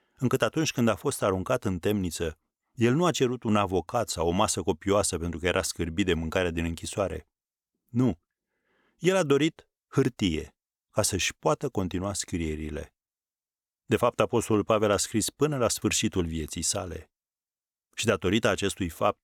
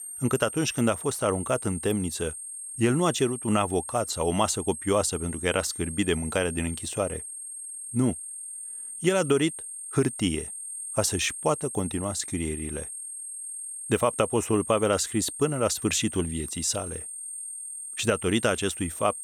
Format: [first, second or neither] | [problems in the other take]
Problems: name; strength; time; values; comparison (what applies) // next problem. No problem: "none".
first | high-pitched whine; loud; throughout; 8.5 kHz, 8 dB below the speech